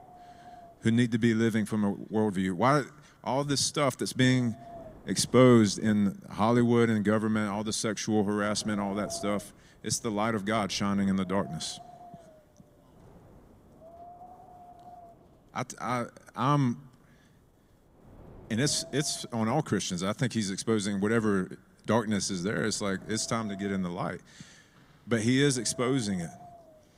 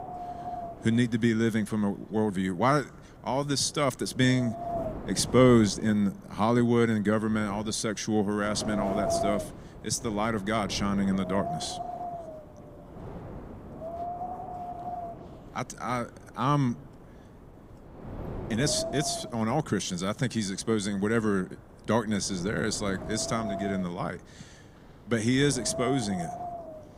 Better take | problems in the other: first | wind noise on the microphone; heavy; 7 dB below the speech; occasional gusts in the first

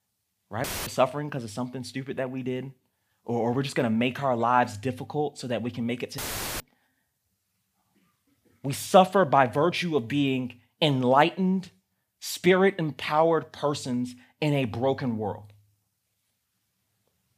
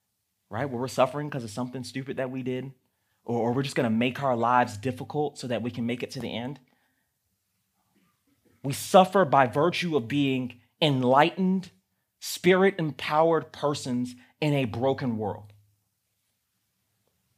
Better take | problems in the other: second | audio cutting out; filled with static; at 0.5 s and at 6 s

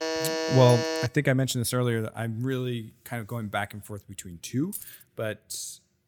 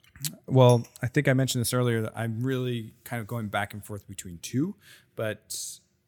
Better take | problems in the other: second | alarm; noticeable; until 1 s; peak 1 dB below the speech // jangling keys; faint; at 4.5 s; peak 10 dB below the speech

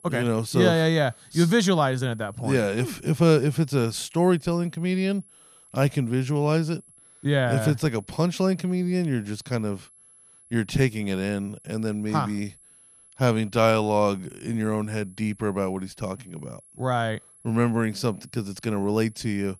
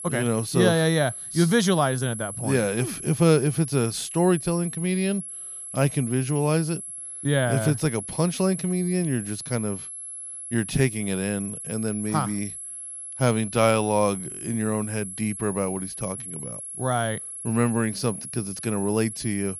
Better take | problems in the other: first | high-pitched whine; loud; throughout; 11 kHz, 9 dB below the speech; faint in the first

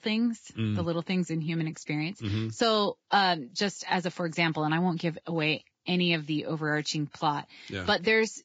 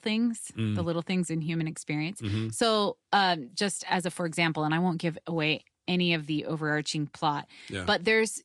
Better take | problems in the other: second | garbled, watery; badly; nothing above 7.5 kHz; slightly in the second

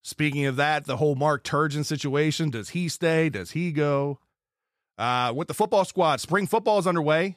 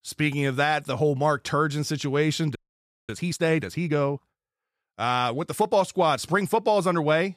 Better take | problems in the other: first | audio freezing; at 2.5 s for 0.5 s

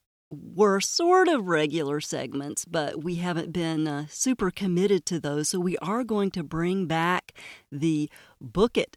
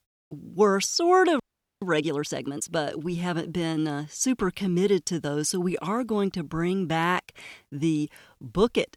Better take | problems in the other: first | audio freezing; at 1.5 s

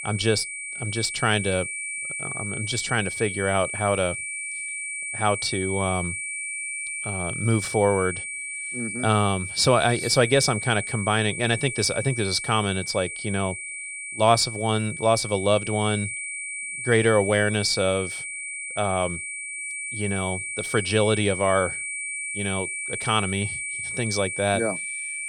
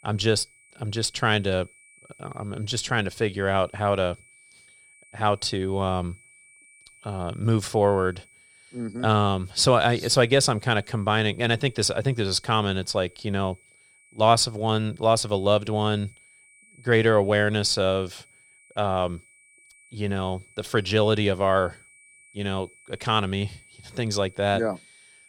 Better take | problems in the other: second | high-pitched whine; loud; throughout; 2.5 kHz, 5 dB below the speech; faint in the second

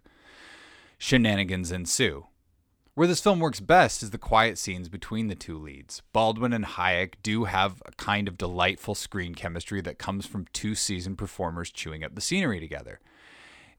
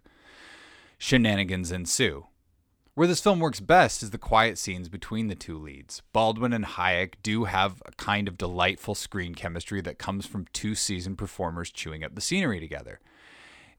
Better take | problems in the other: neither | none

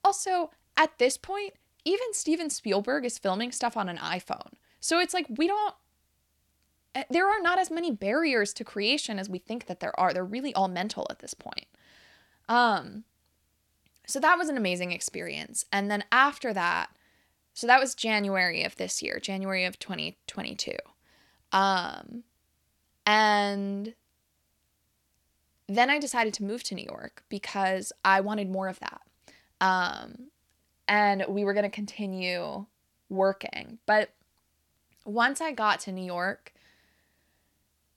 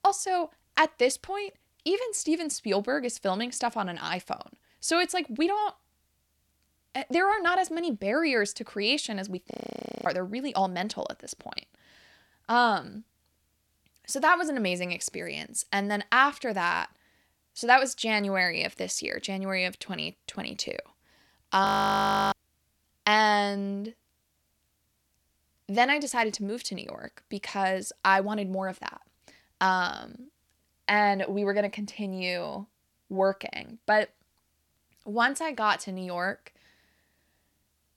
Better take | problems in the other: first | audio freezing; at 9.5 s for 0.5 s and at 22 s for 0.5 s

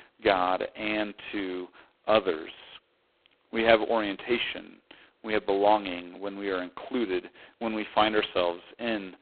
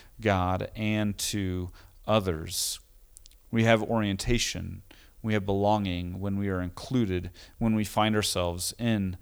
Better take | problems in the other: second | phone-call audio; poor line; nothing above 4 kHz

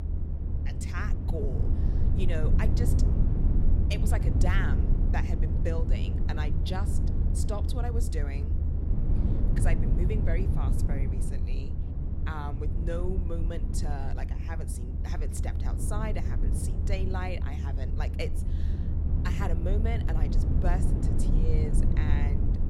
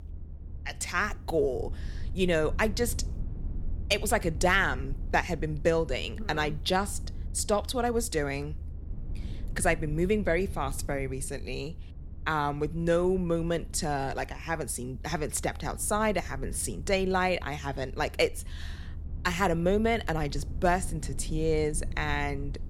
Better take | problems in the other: second | low rumble; loud; throughout; 3 dB below the speech; faint in the second

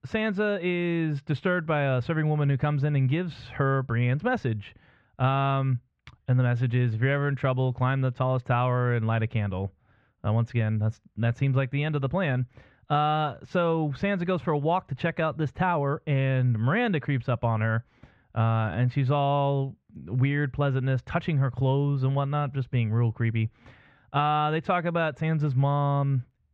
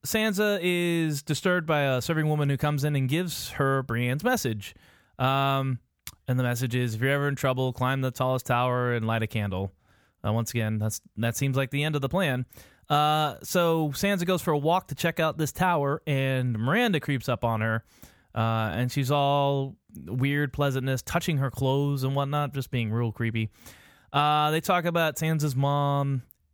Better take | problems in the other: second | muffled; very; fading above 3 kHz

